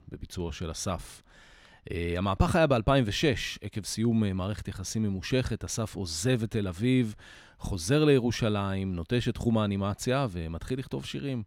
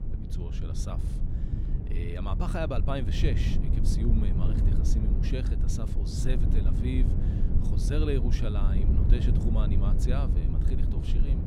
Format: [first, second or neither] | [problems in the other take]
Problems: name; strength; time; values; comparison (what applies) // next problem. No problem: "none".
first | low rumble; loud; throughout; 3 dB below the speech